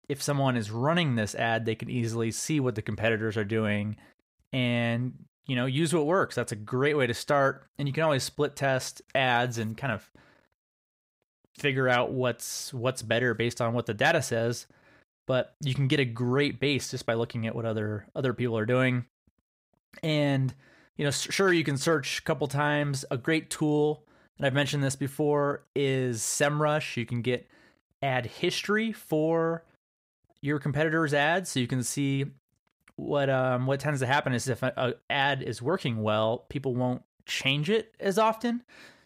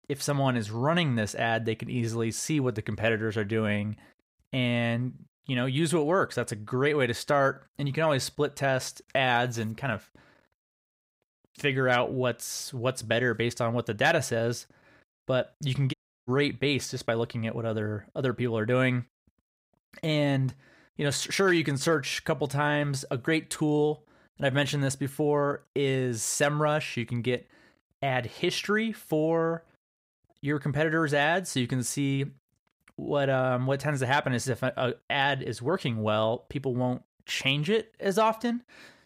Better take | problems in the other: first | audio cutting out; at 16 s

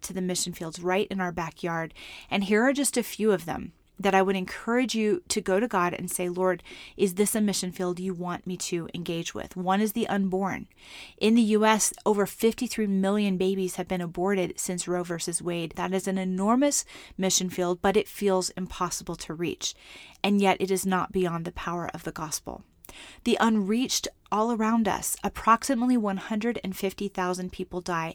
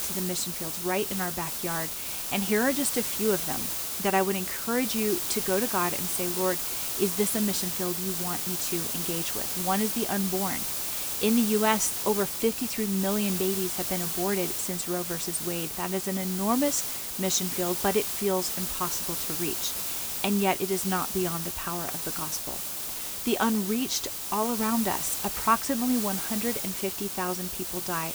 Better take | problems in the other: first | hiss; loud; throughout; as loud as the speech

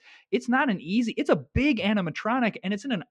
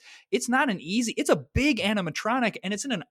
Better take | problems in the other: second | muffled; slightly; fading above 3 kHz

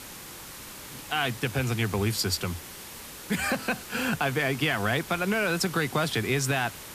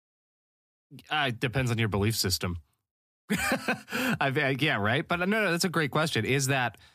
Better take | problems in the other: second | hiss; noticeable; throughout; 15 dB below the speech

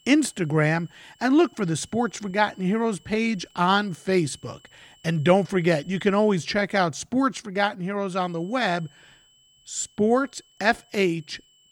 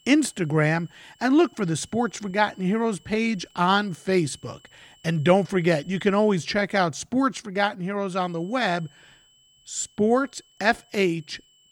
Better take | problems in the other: neither | high-pitched whine; faint; until 6.5 s and from 8 s on; 3 kHz, 30 dB below the speech; the same in both

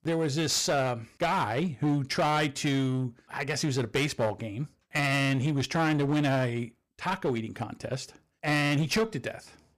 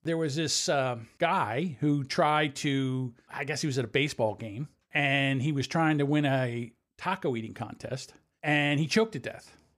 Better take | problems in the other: second | distortion; slight; 12% of the sound clipped

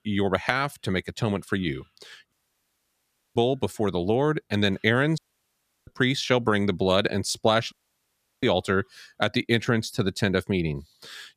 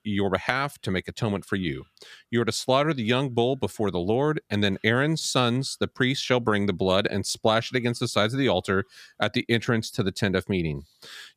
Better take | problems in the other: second | audio cutting out; at 2.5 s for 1 s, at 5 s for 0.5 s and at 7.5 s for 0.5 s

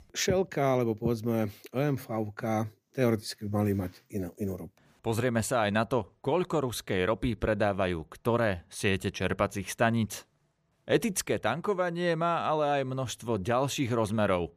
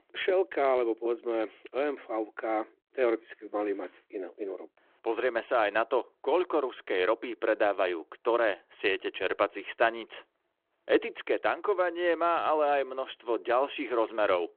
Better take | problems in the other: first | phone-call audio

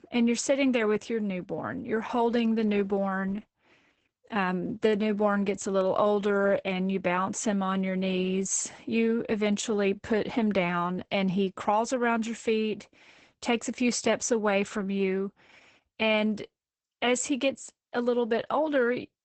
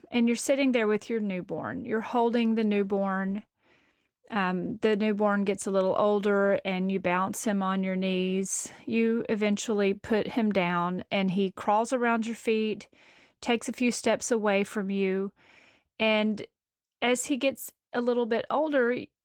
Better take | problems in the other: second | garbled, watery; badly; nothing above 8 kHz; slightly in the second

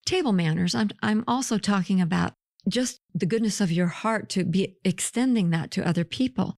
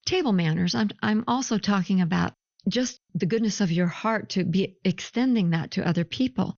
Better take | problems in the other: first | garbled, watery; slightly; nothing above 6.5 kHz

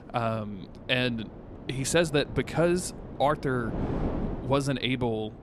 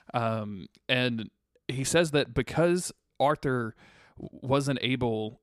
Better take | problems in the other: second | wind noise on the microphone; occasional gusts; 15 dB below the speech

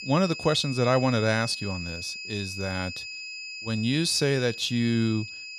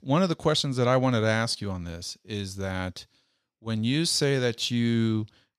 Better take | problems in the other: second | high-pitched whine; loud; throughout; 2.5 kHz, 9 dB below the speech

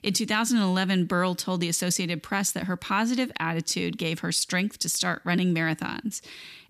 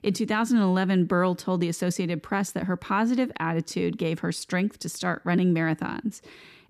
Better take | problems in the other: first | muffled; slightly; fading above 2 kHz

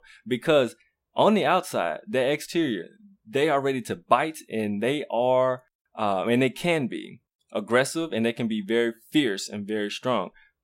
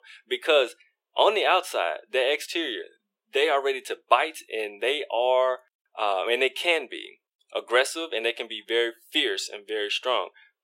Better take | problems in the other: first | thin; very; fading below 400 Hz

